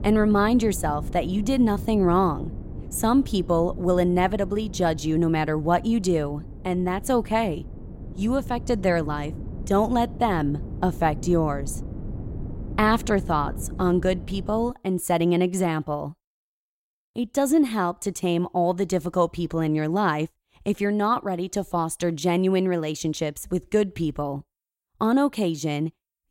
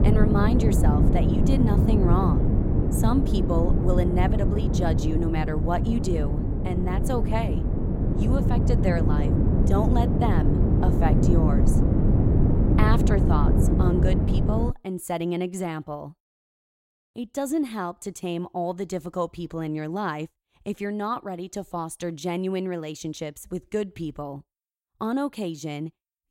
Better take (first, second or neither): first